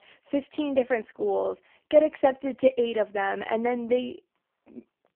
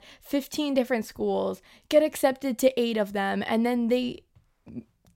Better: second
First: phone-call audio; poor line; nothing above 3 kHz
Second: none

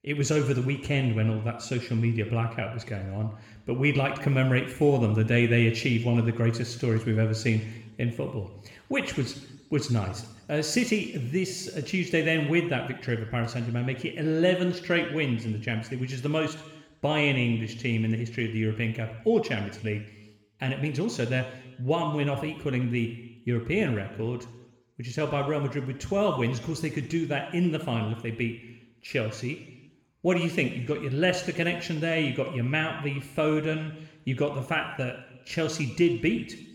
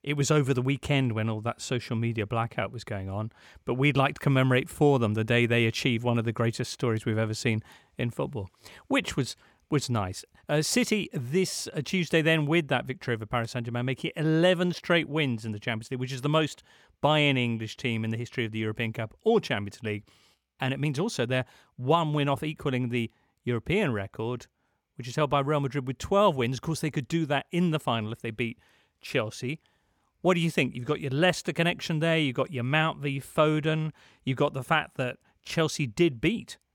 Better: second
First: room echo; slight; dies away in 0.9 s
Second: none

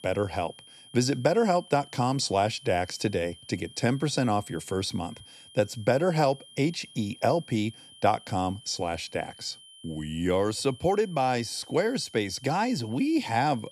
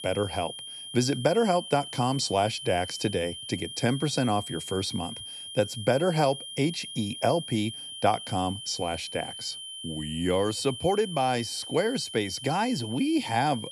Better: first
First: high-pitched whine; faint; throughout; 3 kHz, 20 dB below the speech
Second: high-pitched whine; loud; throughout; 3 kHz, 9 dB below the speech

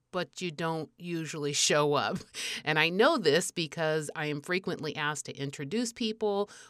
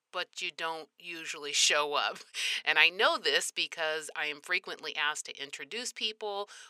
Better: first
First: none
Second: thin; very; fading below 650 Hz

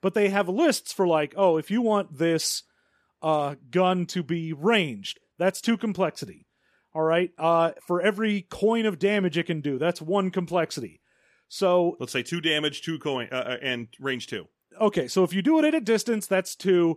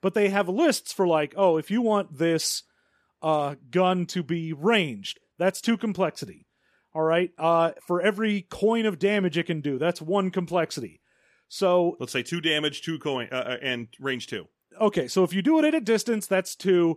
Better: neither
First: none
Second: none

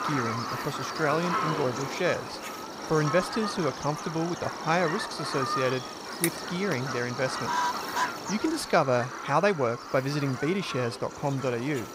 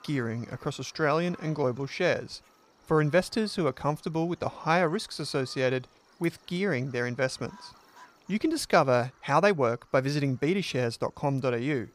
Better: second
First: animal sounds; loud; throughout; 4 dB below the speech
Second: animal sounds; faint; throughout; 30 dB below the speech

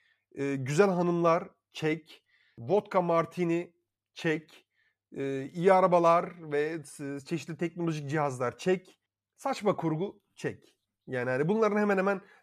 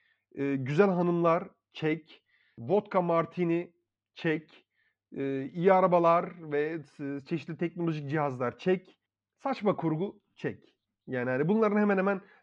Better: first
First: none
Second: muffled; slightly; fading above 4 kHz

